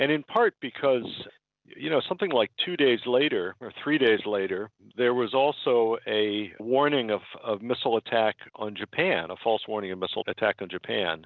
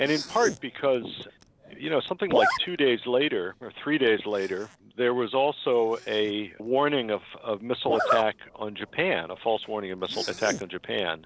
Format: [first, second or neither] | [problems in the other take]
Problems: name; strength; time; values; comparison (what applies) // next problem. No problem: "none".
first | background sound (Zipper (clothing)); 8 dB below the speech